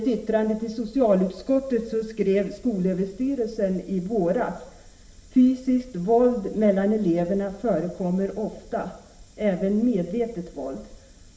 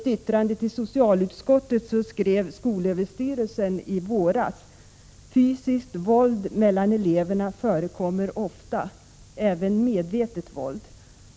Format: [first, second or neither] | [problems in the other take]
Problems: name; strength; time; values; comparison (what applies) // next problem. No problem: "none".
second | room echo; dies away in 0.8 s